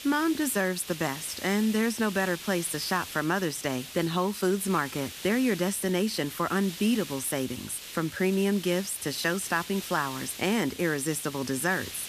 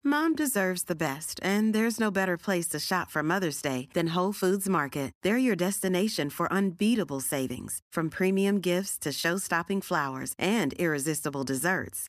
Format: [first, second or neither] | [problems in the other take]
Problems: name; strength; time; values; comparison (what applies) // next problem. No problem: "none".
second | hiss; noticeable; throughout; 10 dB below the speech